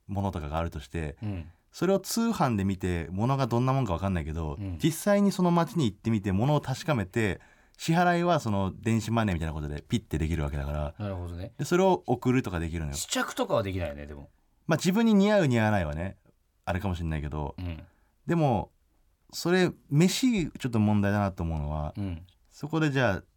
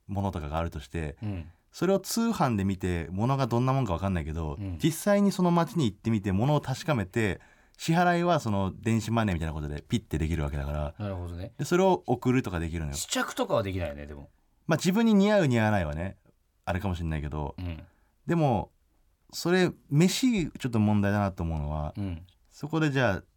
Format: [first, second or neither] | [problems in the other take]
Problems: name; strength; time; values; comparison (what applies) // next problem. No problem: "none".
neither | none